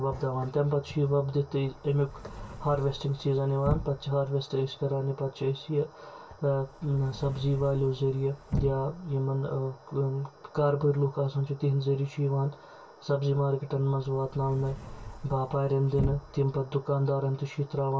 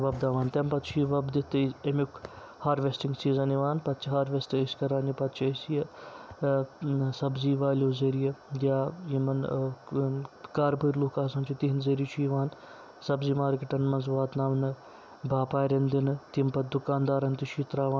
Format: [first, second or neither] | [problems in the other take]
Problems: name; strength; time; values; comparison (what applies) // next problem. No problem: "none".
second | background sound (Sliding door / Slam / Wood); 10 dB below the speech // room echo; dies away in 0.1 s